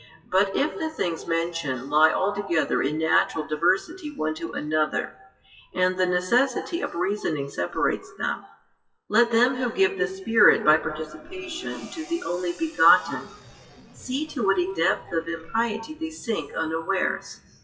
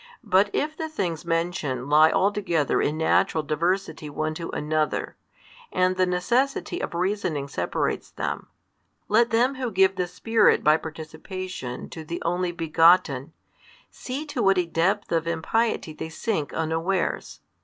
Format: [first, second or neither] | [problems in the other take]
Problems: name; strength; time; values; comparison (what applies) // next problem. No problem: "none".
second | noise reduction (classical method WPE with log-MMSE)